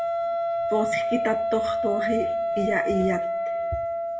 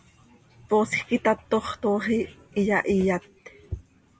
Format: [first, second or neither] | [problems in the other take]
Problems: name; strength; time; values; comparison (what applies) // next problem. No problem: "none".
second | background sound (Wind instrument, woodwind instrument); 3 dB above the speech // room echo; dies away in 0.4 s